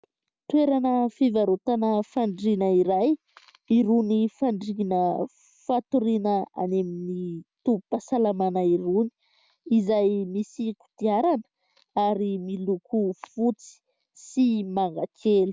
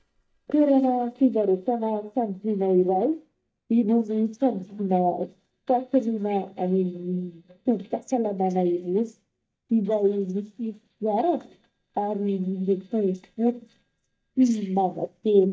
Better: first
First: none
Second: noise reduction (neural mask model DeepFilterNet 3)

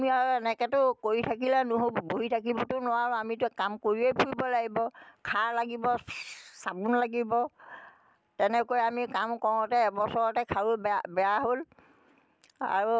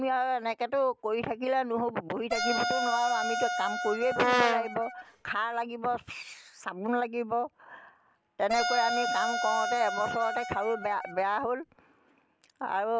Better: first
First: none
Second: background sound (Brass instrument + Wind instrument, woodwind instrument); as loud as the speech

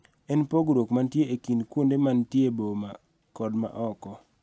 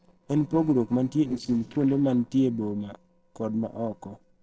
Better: first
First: none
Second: noise reduction (neural separator model SepFormer DNS4)

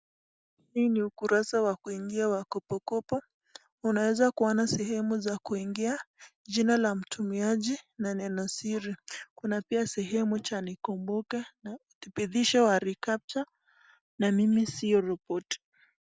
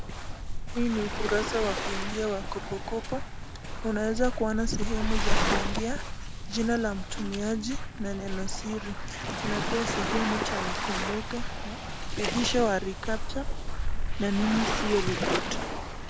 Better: first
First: none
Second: background sound (Waves, surf); 2 dB above the speech

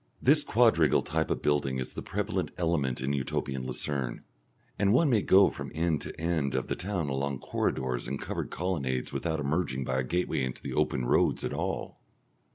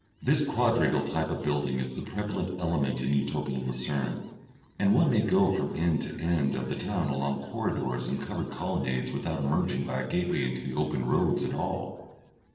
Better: first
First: none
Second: noise reduction (neural separator model SepFormer DNS4)

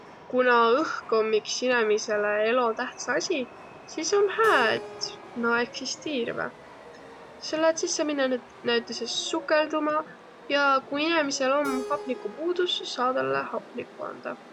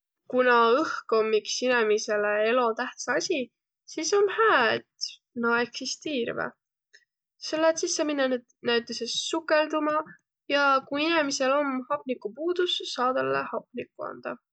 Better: second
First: background sound (Keyboard (musical) + Chatter / Subway, metro, underground); 16 dB below the speech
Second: none

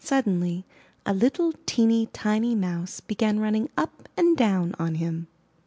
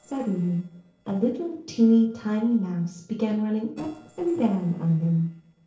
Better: first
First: none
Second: noise reduction (neural separator model SepFormer DNS4)

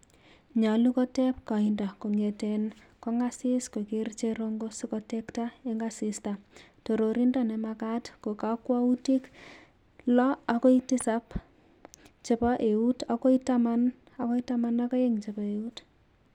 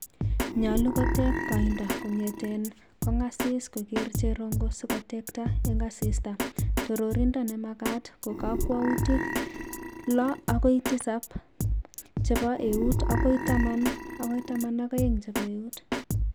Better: first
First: none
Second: background sound (Drum kit + Burping, eructation); as loud as the speech

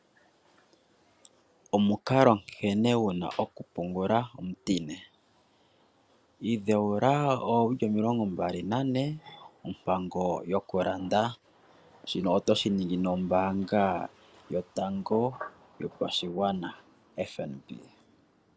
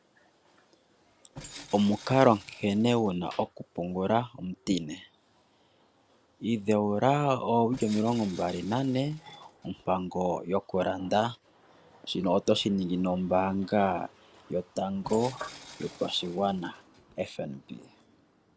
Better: first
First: none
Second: background sound (Tools); 19 dB below the speech

